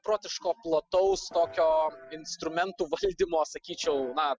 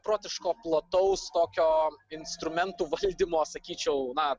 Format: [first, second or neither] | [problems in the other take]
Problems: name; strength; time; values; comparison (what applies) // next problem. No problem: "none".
second | noise reduction (classical method spectral subtraction)